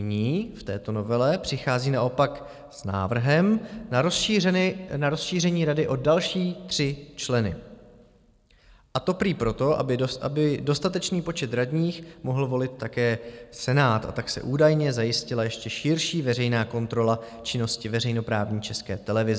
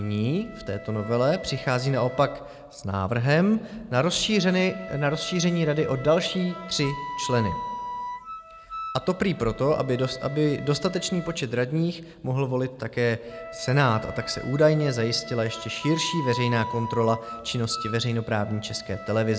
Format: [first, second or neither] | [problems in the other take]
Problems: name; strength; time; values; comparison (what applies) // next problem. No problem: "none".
first | background sound (Wind instrument, woodwind instrument); 13 dB below the speech